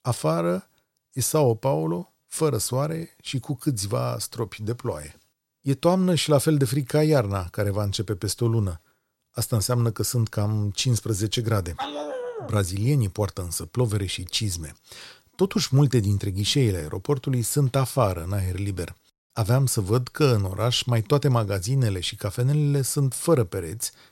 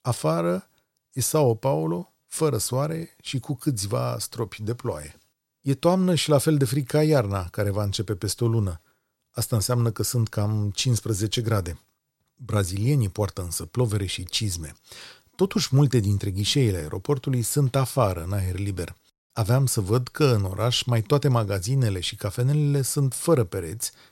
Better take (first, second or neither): second